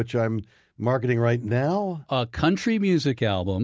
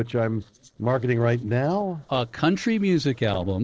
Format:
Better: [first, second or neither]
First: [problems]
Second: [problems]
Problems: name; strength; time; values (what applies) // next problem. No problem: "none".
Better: first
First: none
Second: noise reduction (neural separator model SepFormer DNS4)